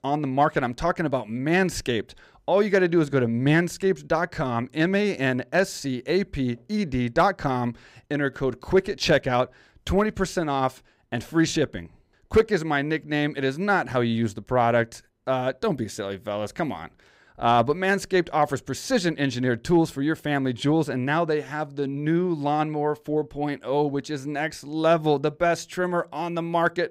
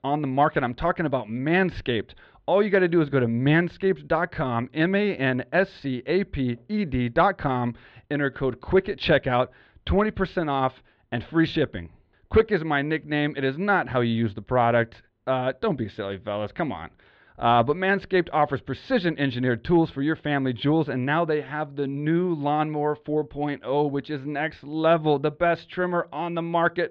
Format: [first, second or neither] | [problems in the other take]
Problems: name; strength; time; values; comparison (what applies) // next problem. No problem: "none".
first | muffled; slightly; fading above 3.5 kHz